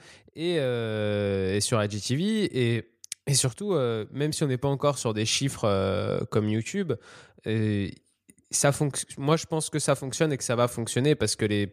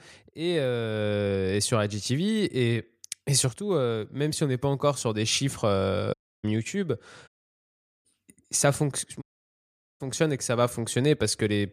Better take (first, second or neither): first